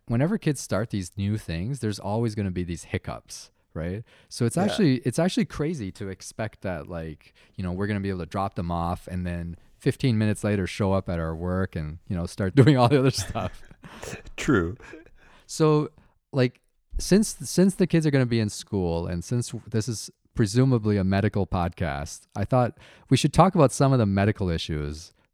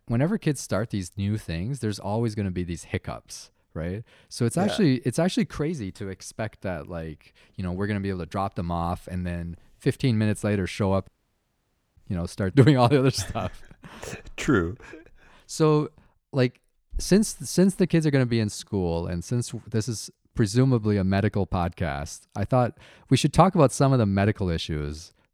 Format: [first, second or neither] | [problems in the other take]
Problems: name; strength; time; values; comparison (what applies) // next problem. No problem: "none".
first | audio cutting out; at 11 s for 1 s